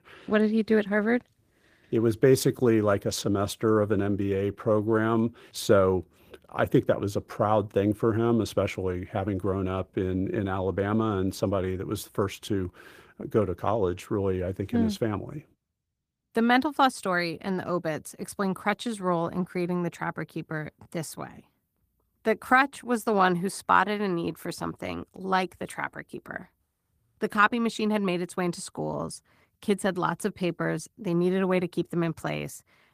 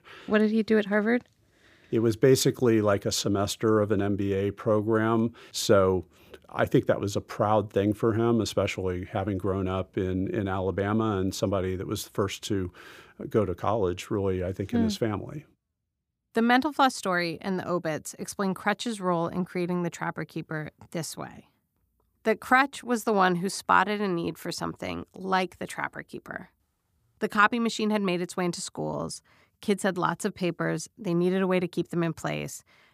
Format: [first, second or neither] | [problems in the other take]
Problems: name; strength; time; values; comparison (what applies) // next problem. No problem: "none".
second | garbled, watery; slightly; nothing above 15 kHz